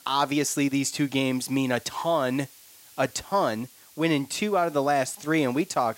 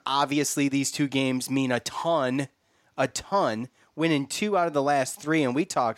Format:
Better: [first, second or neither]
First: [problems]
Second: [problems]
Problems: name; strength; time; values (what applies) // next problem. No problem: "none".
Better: second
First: hiss; faint; throughout; 25 dB below the speech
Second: none